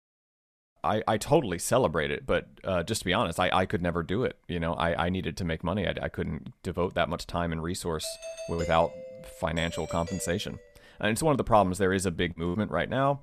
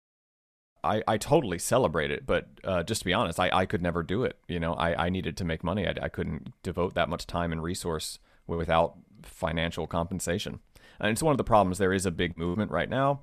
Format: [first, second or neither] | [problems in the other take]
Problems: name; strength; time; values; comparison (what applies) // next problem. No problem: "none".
second | doorbell; noticeable; from 8 to 11 s; peak 9 dB below the speech